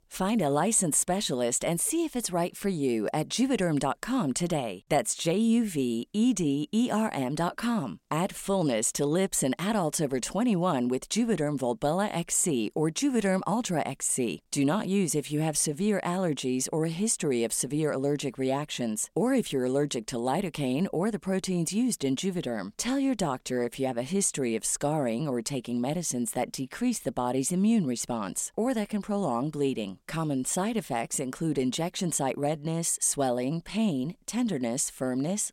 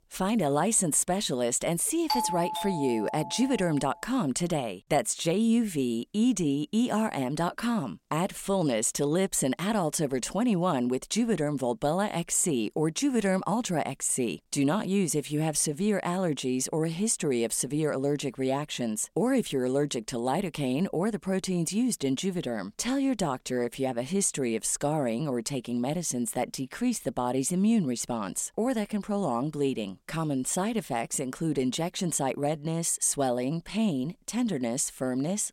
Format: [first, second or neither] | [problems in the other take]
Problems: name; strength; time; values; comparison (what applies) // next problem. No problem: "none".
first | doorbell; noticeable; from 2 to 3.5 s; peak 1 dB below the speech